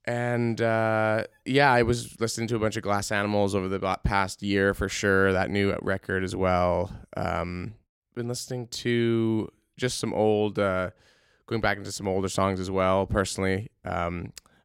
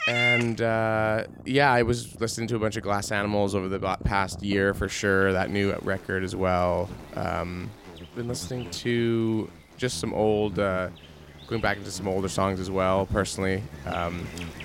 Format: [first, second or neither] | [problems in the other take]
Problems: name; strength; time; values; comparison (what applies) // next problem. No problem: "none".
first | animal sounds; loud; throughout; 10 dB below the speech